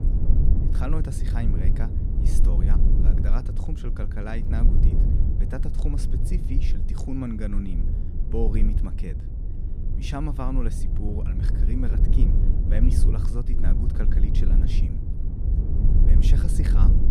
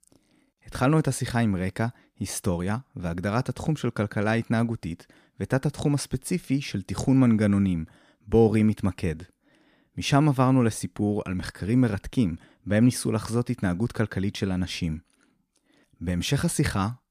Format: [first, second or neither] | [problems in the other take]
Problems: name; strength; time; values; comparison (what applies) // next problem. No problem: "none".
second | low rumble; loud; throughout; 2 dB below the speech